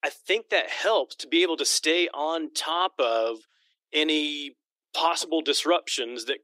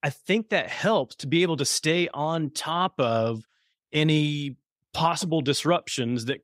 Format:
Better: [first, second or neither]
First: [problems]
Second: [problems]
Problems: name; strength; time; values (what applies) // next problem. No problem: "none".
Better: second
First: thin; very; fading below 300 Hz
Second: none